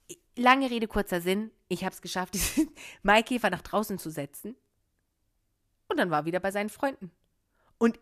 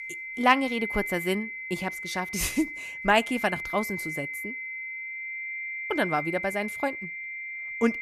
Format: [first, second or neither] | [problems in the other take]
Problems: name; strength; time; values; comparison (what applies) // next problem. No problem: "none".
first | high-pitched whine; loud; throughout; 2 kHz, 5 dB below the speech